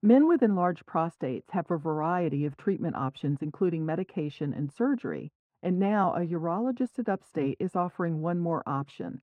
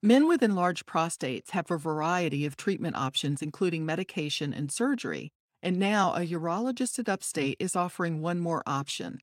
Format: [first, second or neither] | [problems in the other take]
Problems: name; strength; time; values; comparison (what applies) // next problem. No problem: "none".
second | muffled; very; fading above 2.5 kHz